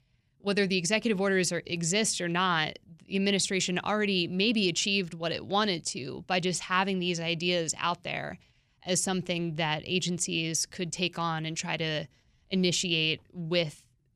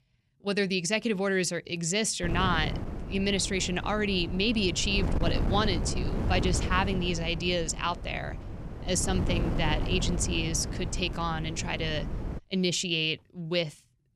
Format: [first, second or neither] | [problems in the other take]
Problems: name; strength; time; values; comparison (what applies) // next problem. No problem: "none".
first | wind noise on the microphone; occasional gusts; from 2 to 12 s; 10 dB below the speech